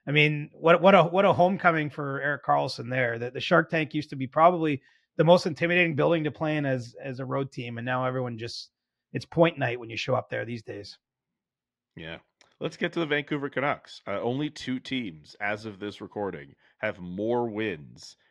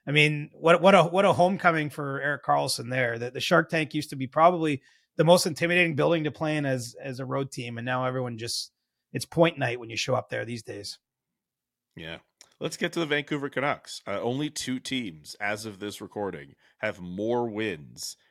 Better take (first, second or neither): second